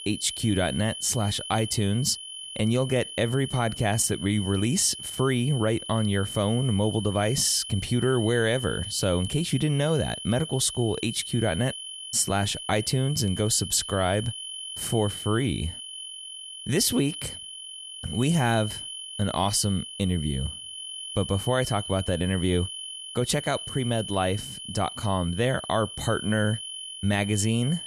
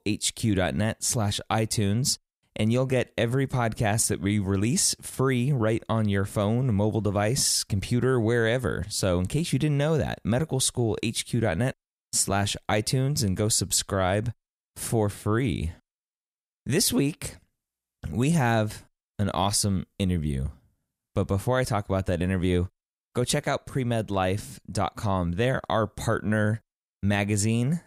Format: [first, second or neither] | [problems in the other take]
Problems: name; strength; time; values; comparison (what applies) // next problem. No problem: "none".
second | high-pitched whine; loud; throughout; 3 kHz, 9 dB below the speech